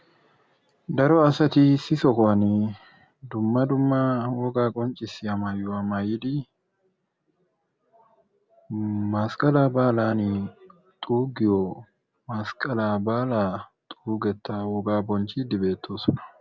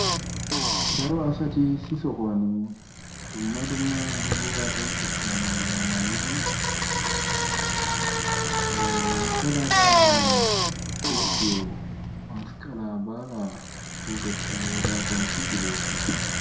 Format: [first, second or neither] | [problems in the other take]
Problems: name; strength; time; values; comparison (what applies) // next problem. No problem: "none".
first | background sound (Bicycle); 5 dB above the speech // room echo; dies away in 0.5 s